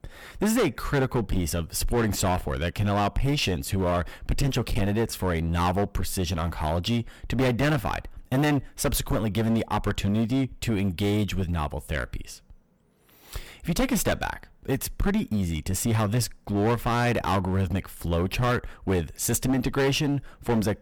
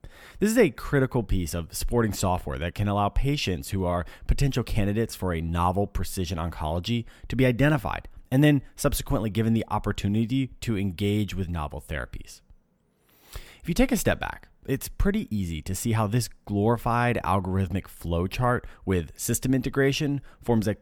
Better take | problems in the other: second | distortion; heavy; 14% of the sound clipped

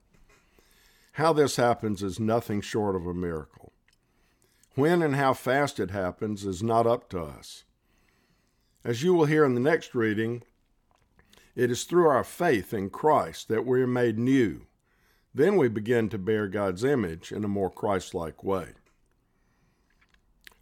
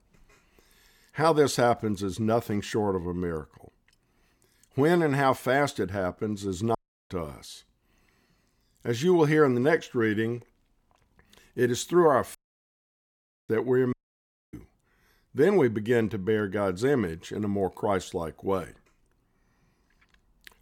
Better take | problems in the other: first | audio cutting out; at 7 s, at 12 s for 1 s and at 14 s for 0.5 s

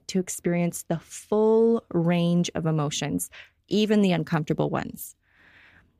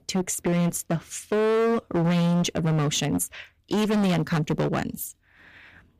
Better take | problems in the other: first | distortion; heavy; 20% of the sound clipped

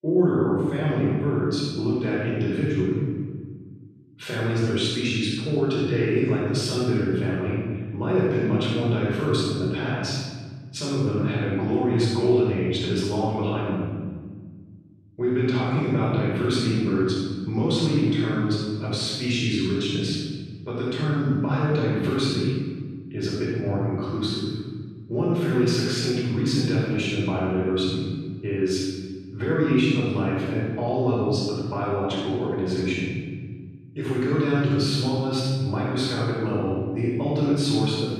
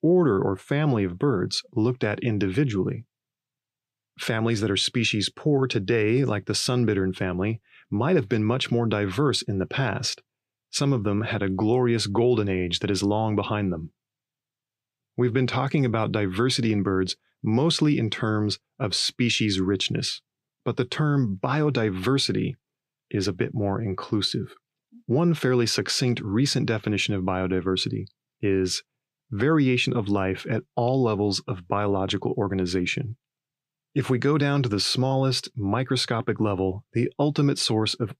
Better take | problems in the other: second | room echo; strong; dies away in 1.5 s // off-mic speech; far

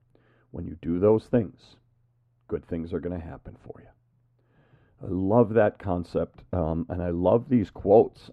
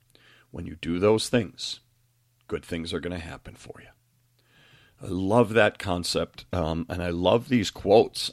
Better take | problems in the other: second | muffled; very; fading above 2 kHz

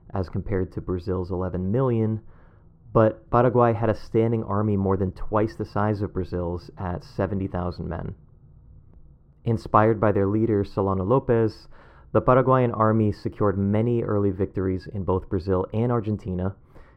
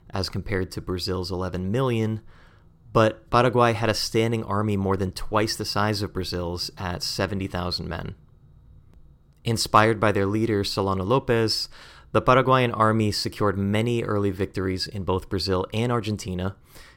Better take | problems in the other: second | muffled; very; fading above 2.5 kHz

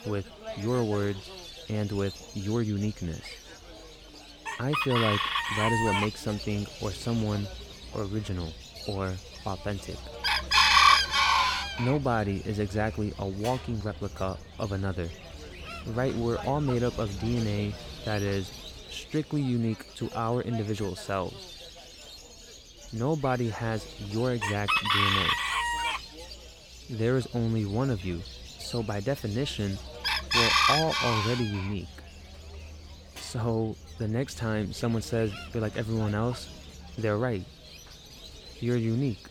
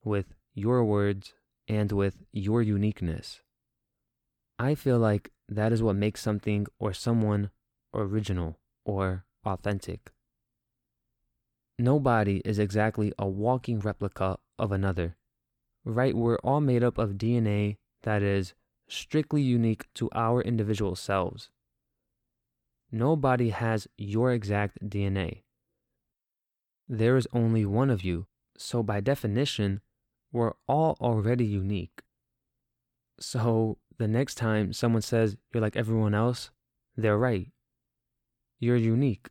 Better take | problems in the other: second | animal sounds; very loud; throughout; 4 dB above the speech

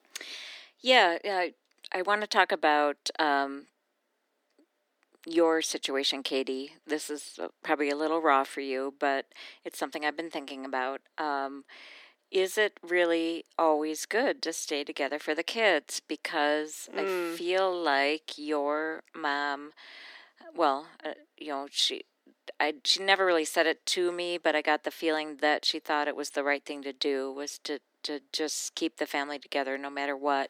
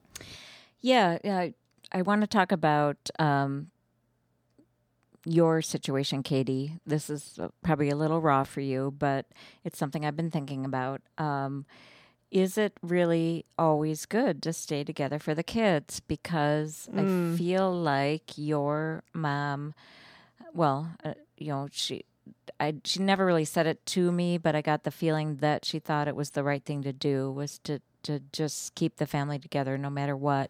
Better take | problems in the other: second | thin; somewhat; fading below 300 Hz

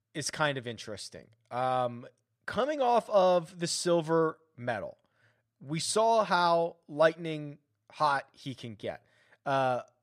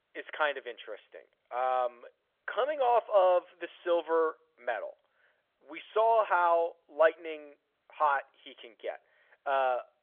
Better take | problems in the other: first | phone-call audio; nothing above 3.5 kHz

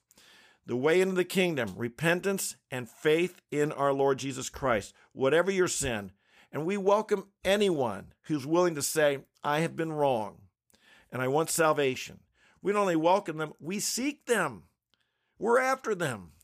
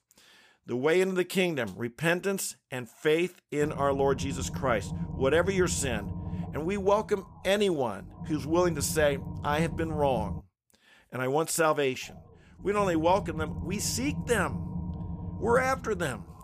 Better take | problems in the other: first | low rumble; noticeable; from 3.5 to 10 s and from 12 s on; 20 dB below the speech

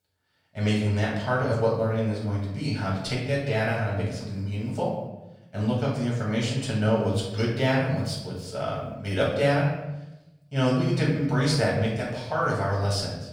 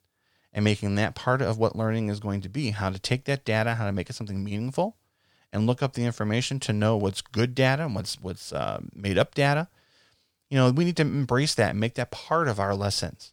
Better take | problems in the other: second | off-mic speech; far // room echo; noticeable; dies away in 0.9 s

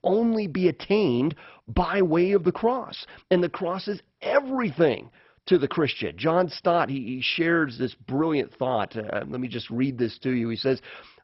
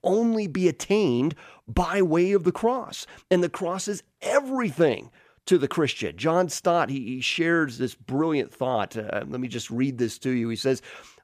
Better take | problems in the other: second | garbled, watery; badly; nothing above 5.5 kHz

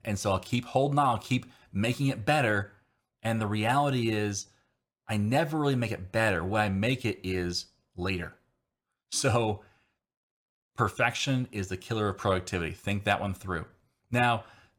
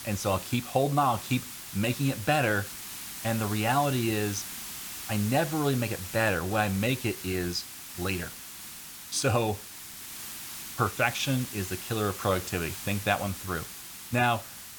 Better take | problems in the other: first | hiss; loud; throughout; 9 dB below the speech

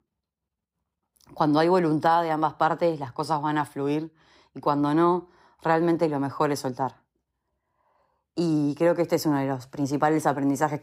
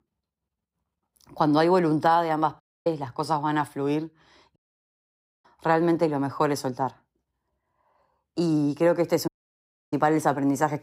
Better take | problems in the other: first | audio cutting out; at 2.5 s, at 4.5 s for 1 s and at 9.5 s for 0.5 s

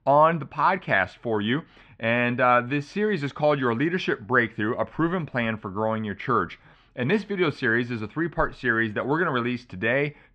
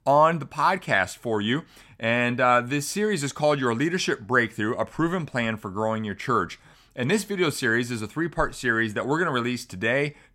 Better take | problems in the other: second | muffled; slightly; fading above 3 kHz

